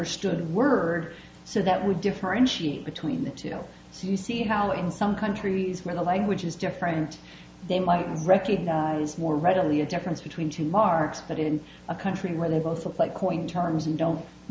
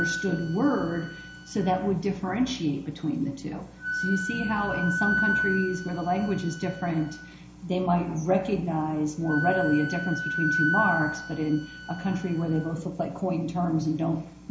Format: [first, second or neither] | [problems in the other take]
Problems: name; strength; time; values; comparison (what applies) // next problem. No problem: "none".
first | background sound (Wind instrument, woodwind instrument); 6 dB below the speech // room echo; dies away in 0.4 s